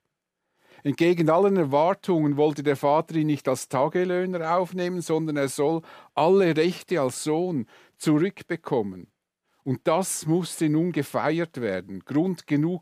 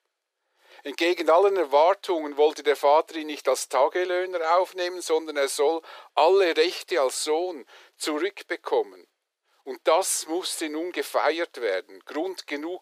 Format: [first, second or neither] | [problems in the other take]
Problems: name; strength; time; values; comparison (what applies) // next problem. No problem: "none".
first | thin; very; fading below 400 Hz